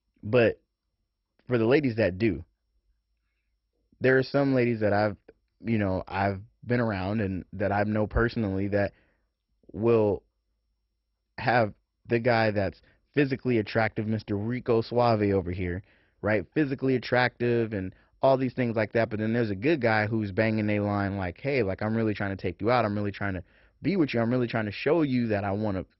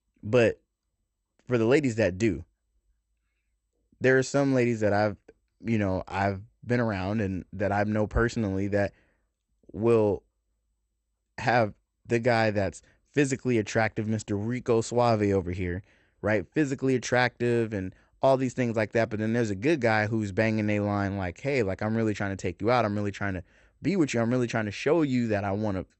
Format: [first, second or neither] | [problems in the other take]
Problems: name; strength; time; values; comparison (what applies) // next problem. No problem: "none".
second | garbled, watery; badly; nothing above 5.5 kHz; slightly in the second